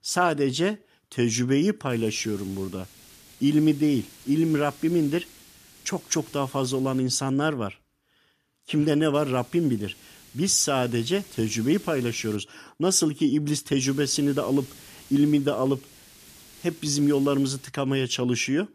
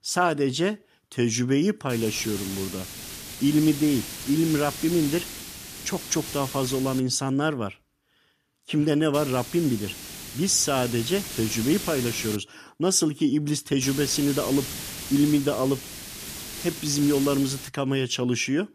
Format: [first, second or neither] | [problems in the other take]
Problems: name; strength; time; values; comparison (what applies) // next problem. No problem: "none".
first | hiss; loud; from 2 to 7 s, from 9 to 12 s and from 14 to 18 s; 9 dB below the speech; faint in the first